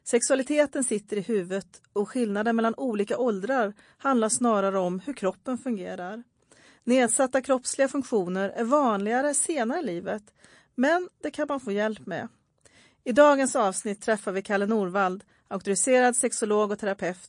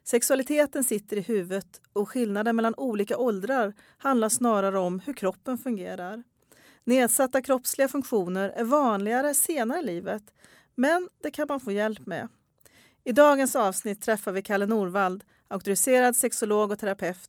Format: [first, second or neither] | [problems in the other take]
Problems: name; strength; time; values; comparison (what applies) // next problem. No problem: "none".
second | garbled, watery; slightly